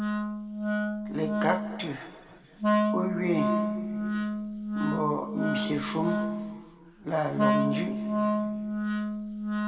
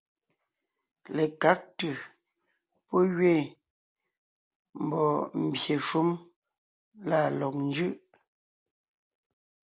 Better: second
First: background sound (Wind instrument, woodwind instrument); 4 dB above the speech // room echo; dies away in 2 s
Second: none

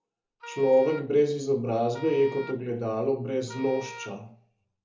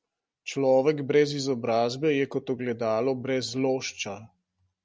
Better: second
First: background sound (Wind instrument, woodwind instrument); 17 dB below the speech // room echo; dies away in 0.7 s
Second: none

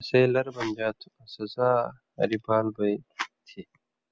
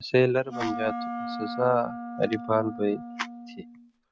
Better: first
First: none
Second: background sound (Wind instrument, woodwind instrument); 8 dB below the speech

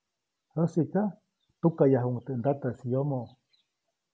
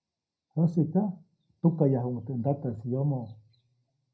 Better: first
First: none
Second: room echo; dies away in 0.4 s

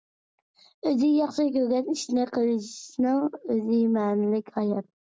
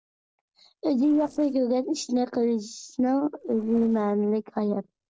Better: first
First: none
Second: noise reduction (neural separator model SepFormer DNS4)

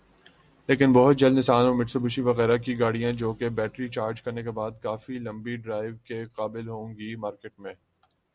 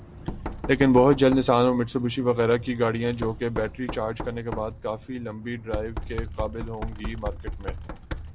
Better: first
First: none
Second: background sound (Knock); 10 dB below the speech

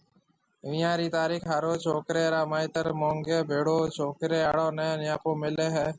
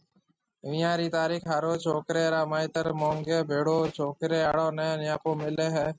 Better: first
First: none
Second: noise reduction (neural mask model RNNoise)

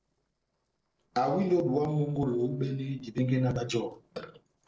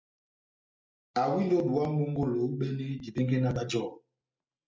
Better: second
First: noise reduction (neural separator model SepFormer DNS4)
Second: none

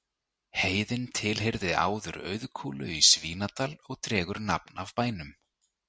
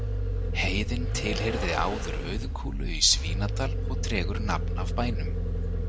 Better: first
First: none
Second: background sound (Vehicle); 3 dB above the speech

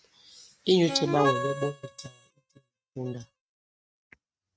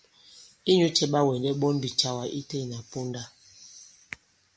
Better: second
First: noise reduction (neural mask model RNNoise)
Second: none

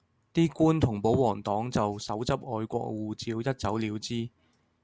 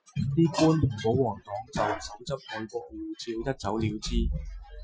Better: first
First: none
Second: noise reduction (classical method Wiener filter)

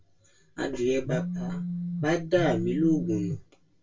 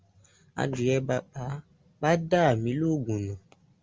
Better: second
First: background sound (Telephone); 3 dB below the speech // room echo; dies away in 0.2 s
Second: none

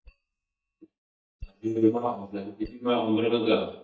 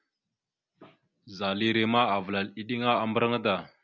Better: second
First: noise reduction (neural mask model DeepFilterNet 3)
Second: none

